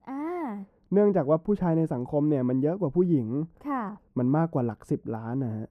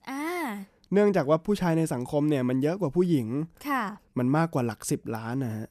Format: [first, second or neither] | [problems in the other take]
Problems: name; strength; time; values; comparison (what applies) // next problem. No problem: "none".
second | muffled; very; fading above 2 kHz